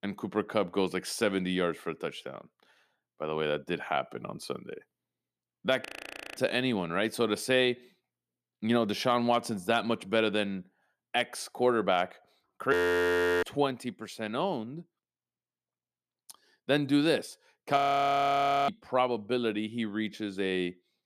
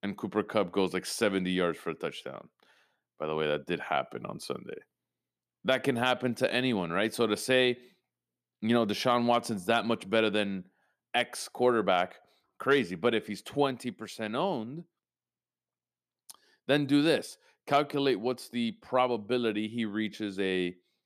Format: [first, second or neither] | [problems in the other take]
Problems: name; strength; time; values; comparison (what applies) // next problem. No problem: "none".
second | audio freezing; at 6 s for 0.5 s, at 13 s for 0.5 s and at 18 s for 1 s